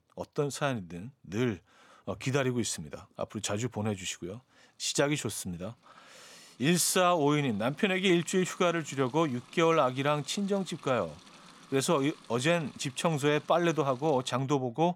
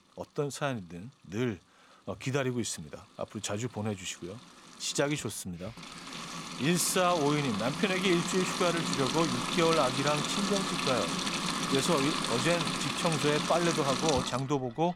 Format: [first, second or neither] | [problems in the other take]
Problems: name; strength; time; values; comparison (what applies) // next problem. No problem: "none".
first | household noises; loud; throughout; 1 dB below the speech; faint in the first